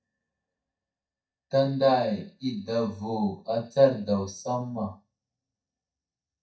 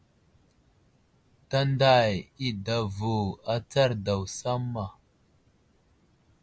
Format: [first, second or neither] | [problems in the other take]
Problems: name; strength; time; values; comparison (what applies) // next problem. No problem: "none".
second | noise reduction (neural mask model DeepFilterNet 3)